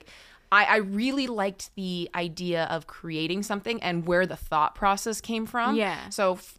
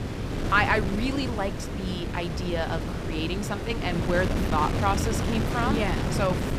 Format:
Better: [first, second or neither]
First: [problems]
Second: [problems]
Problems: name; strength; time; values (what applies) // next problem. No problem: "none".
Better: first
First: none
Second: wind noise on the microphone; heavy; 6 dB below the speech